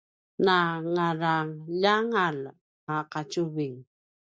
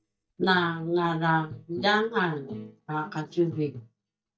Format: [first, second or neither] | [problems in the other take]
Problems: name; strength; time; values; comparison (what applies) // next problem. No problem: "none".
first | noise reduction (neural mask model DeepFilterNet 3)